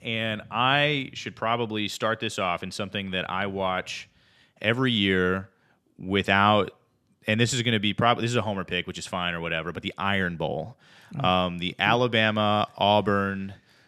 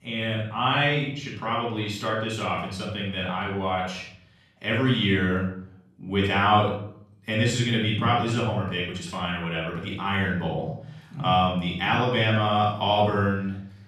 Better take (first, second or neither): first